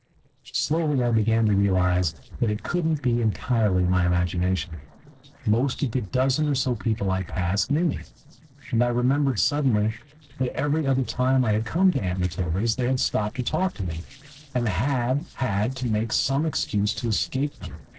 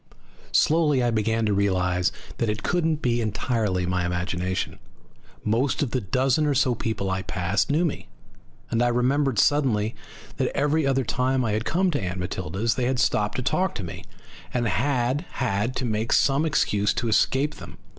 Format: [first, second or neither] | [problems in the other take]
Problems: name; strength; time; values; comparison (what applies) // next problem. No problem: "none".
second | noise reduction (neural separator model SepFormer DNS4)